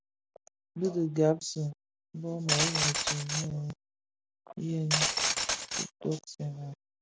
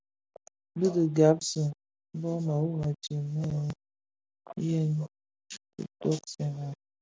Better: second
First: background sound (Glass); 1 dB above the speech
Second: none

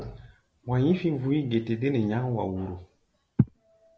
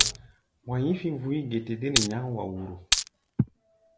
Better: first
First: none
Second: background sound (Glass); 4 dB above the speech

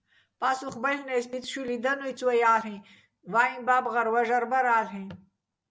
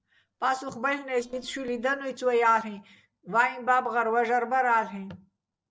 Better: first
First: none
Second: noise reduction (neural separator model SepFormer DNS4)

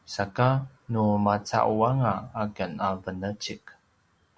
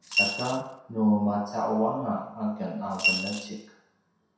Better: first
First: none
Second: background sound (Coin (dropping) / Glass); as loud as the speech // room echo; dies away in 0.7 s

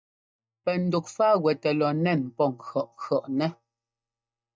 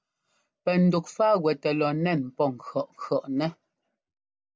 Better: second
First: noise reduction (neural mask model DeepFilterNet 3)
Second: none

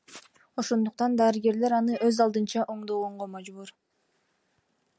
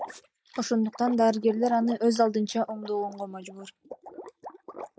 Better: first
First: none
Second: noise reduction (neural mask model Resemble Enhance denoiser)

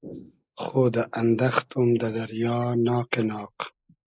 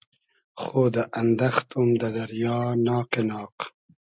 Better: second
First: noise reduction (neural mask model Resemble Enhance denoiser)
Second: none

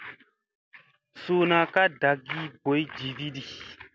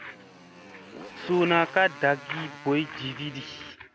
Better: first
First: none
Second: background sound (Motorcycle); 17 dB below the speech

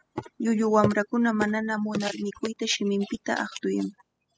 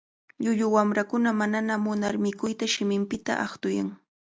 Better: second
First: noise reduction (classical method spectral subtraction)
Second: none

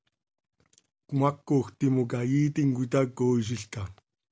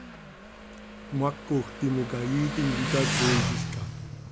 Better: first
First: none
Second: background sound (Motorcycle); 2 dB below the speech

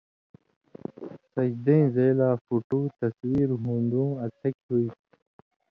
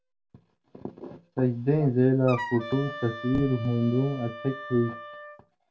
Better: first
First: none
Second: background sound (Wind instrument, woodwind instrument); 12 dB below the speech // room echo; dies away in 0.2 s

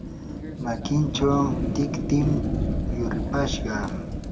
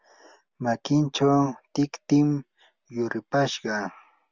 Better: second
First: background sound (Fire); as loud as the speech // room echo; dies away in 1.3 s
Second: none

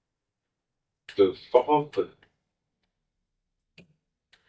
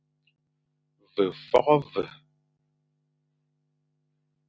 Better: second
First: noise reduction (neural mask model DeepFilterNet 3)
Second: none

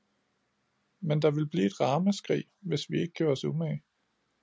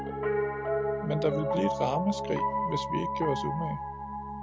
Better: first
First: none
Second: background sound (Piano); 2 dB above the speech

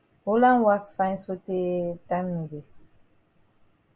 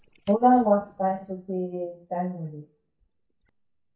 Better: first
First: none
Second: noise reduction (neural mask model DeepFilterNet 3)

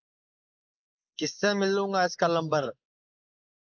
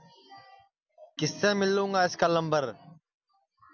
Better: second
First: noise reduction (neural mask model Resemble Enhance denoiser)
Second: none

